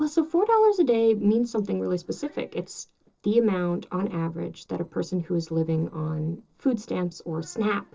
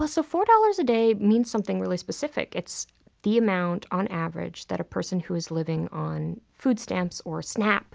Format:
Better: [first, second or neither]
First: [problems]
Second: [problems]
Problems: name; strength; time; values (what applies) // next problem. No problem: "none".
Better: second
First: noise reduction (neural separator model SepFormer DNS4)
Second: none